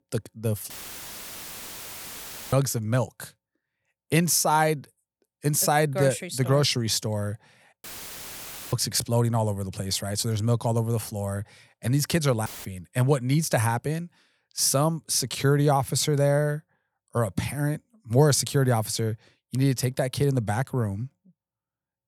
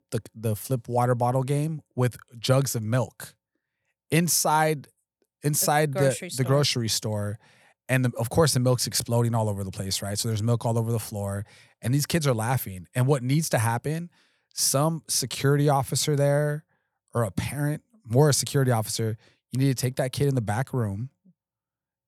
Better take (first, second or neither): second